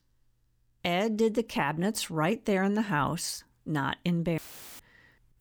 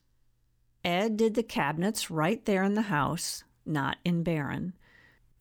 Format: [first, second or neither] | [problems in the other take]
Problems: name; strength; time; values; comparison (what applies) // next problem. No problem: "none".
second | audio cutting out; filled with static; at 4.5 s